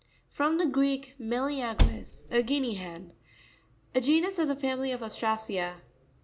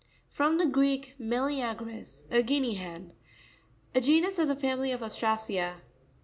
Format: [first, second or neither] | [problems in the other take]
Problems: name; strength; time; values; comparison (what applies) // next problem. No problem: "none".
second | background sound (Cupboard open or close); 3 dB above the speech